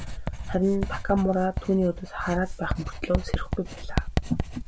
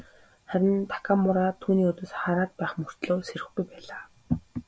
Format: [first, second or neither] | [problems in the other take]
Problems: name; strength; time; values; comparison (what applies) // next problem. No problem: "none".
second | background sound (Writing); 3 dB below the speech